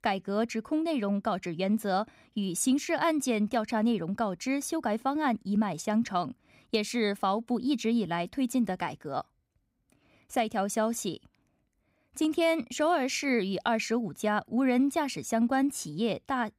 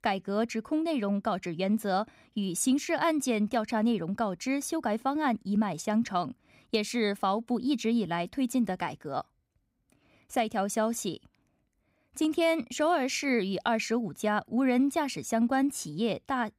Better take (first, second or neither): neither